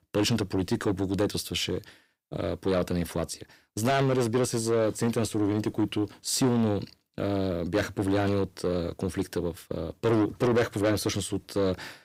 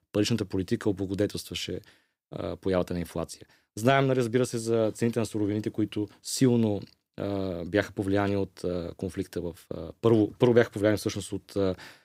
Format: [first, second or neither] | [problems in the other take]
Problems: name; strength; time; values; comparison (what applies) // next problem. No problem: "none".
second | distortion; heavy; 7 dB below the speech